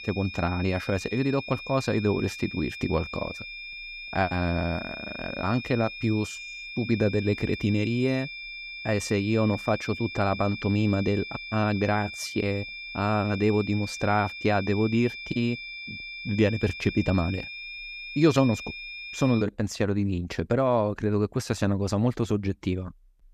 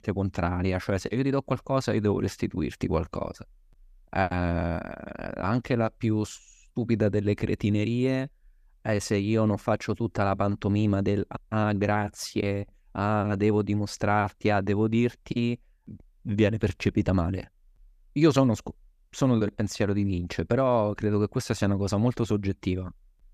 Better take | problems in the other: second | high-pitched whine; loud; until 19 s; 2.5 kHz, 9 dB below the speech

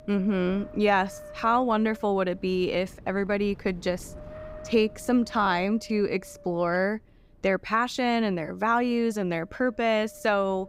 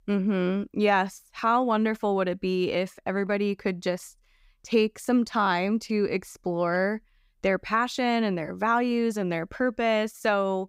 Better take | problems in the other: second | wind noise on the microphone; occasional gusts; 20 dB below the speech

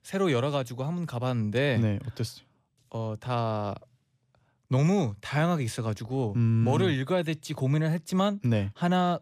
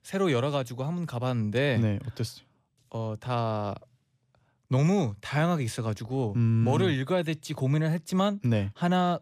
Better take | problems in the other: neither | none

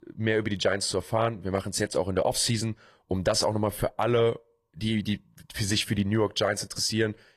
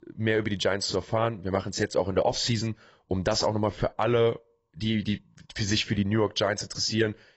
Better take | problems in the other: first | garbled, watery; badly; nothing above 8 kHz; slightly in the first

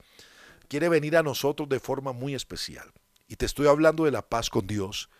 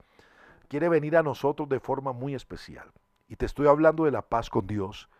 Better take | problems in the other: first | muffled; very; fading above 3 kHz

